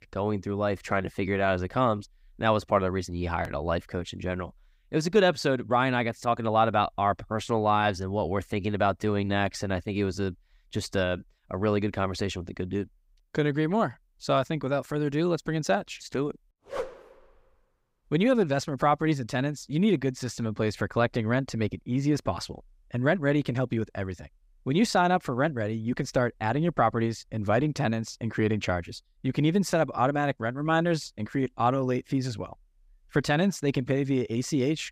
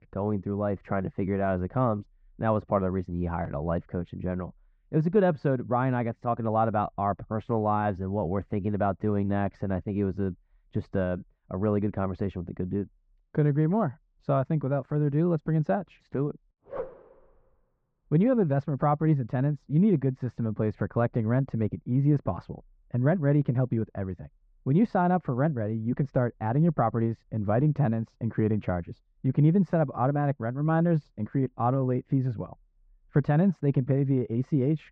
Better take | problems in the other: first | muffled; very; fading above 1 kHz

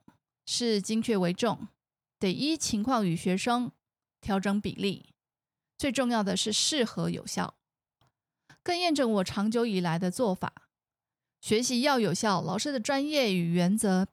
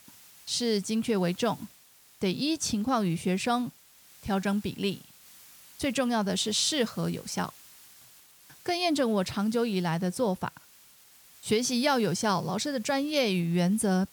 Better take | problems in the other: first | hiss; faint; throughout; 25 dB below the speech

